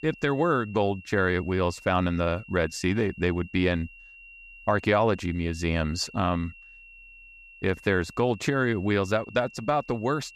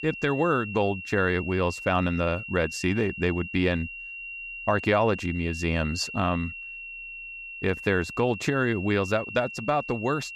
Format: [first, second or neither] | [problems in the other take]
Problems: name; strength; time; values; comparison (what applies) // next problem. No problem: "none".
first | high-pitched whine; loud; throughout; 2.5 kHz, 10 dB below the speech; faint in the first